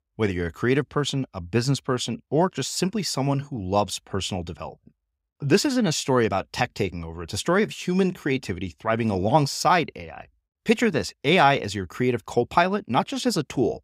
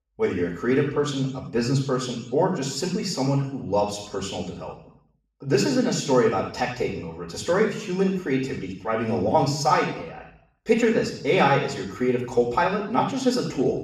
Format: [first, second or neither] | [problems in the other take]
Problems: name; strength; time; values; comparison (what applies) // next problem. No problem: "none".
first | room echo; noticeable; dies away in 0.7 s // off-mic speech; far